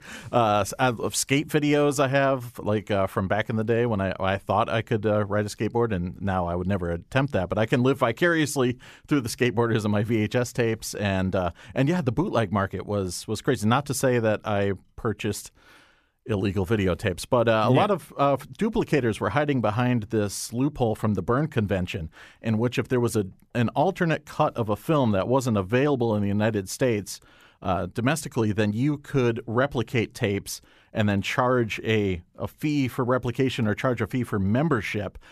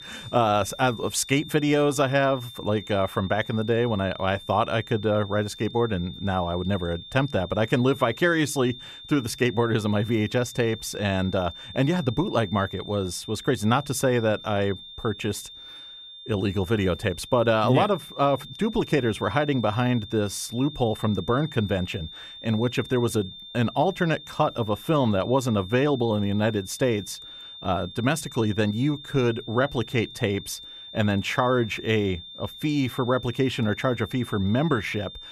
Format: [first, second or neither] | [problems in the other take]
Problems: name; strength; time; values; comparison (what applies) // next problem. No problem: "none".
first | high-pitched whine; noticeable; throughout; 3.5 kHz, 15 dB below the speech